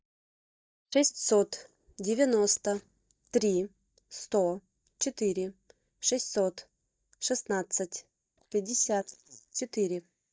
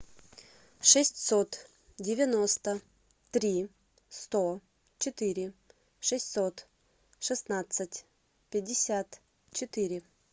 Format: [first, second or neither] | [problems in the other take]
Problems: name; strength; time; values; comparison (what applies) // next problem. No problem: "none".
second | noise reduction (neural mask model DeepFilterNet 3)